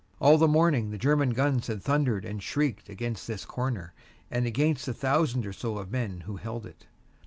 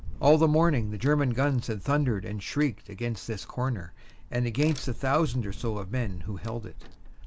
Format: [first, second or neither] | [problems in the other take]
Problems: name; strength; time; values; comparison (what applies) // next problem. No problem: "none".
first | background sound (Crack); 9 dB below the speech